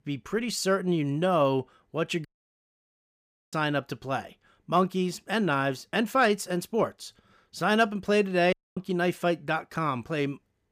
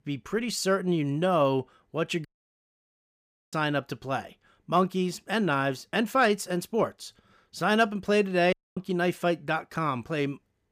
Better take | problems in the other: neither | audio cutting out; at 2.5 s for 1.5 s and at 8.5 s; the same in both

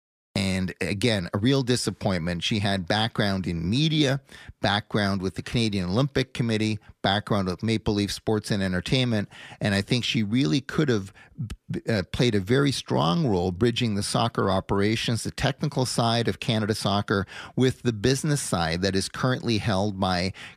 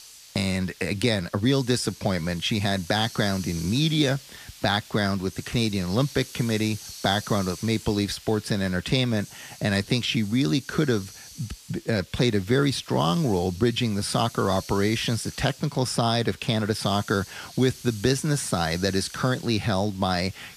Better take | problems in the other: first | hiss; noticeable; throughout; 15 dB below the speech

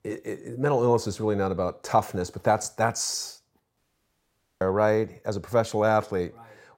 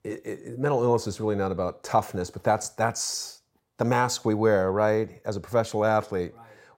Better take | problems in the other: second | audio cutting out; at 4 s for 1 s

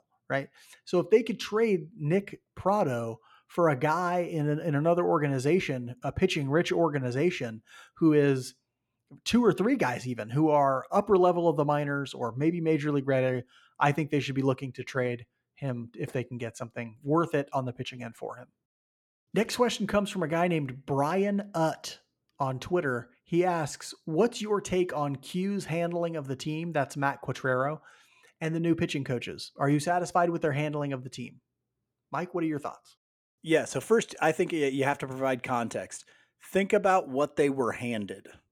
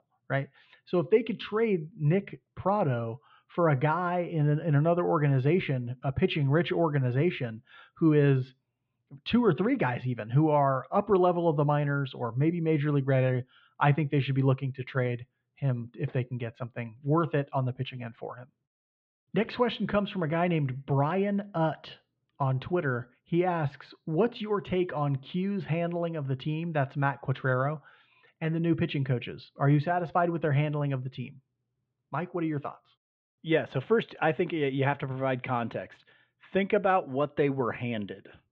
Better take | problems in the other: first | muffled; very; fading above 3.5 kHz

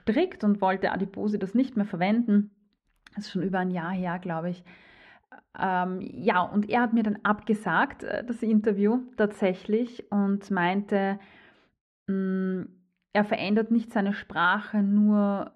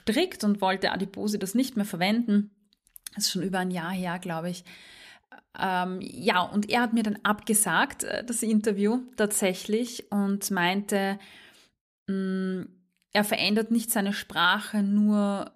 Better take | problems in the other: second | muffled; very; fading above 2 kHz

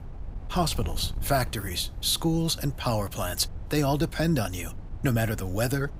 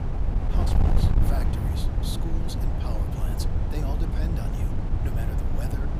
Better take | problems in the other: first | wind noise on the microphone; heavy; 3 dB above the speech; occasional gusts in the first

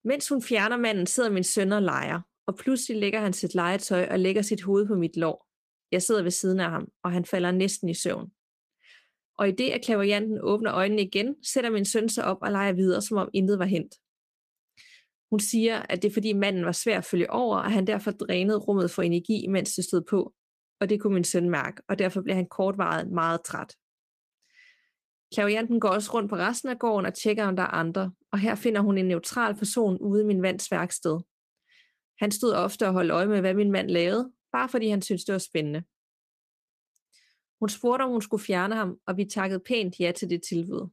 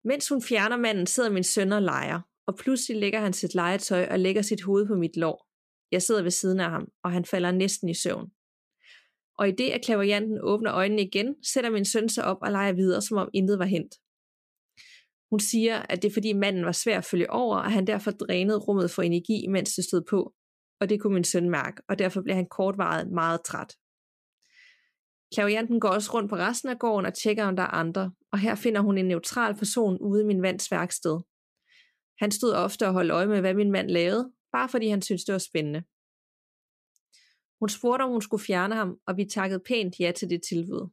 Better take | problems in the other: second | garbled, watery; slightly; nothing above 14.5 kHz

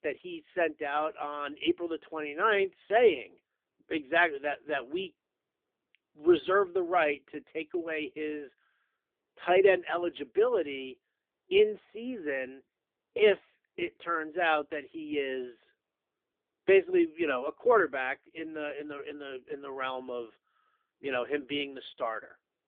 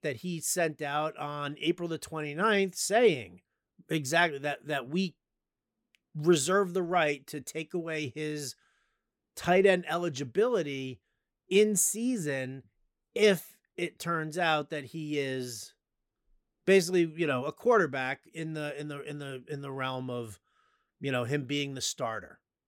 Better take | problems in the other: second | phone-call audio; poor line

